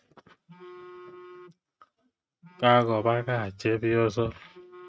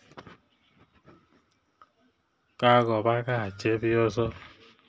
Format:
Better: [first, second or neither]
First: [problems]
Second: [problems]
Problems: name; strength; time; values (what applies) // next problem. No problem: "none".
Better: second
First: noise reduction (neural mask model RNNoise)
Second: none